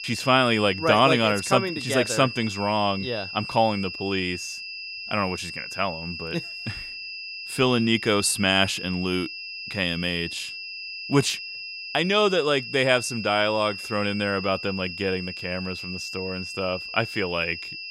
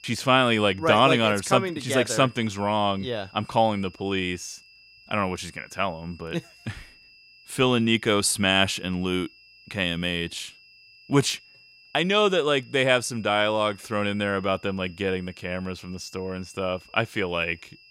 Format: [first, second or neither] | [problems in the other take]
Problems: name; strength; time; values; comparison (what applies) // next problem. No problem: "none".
second | high-pitched whine; loud; throughout; 2.5 kHz, 9 dB below the speech; faint in the second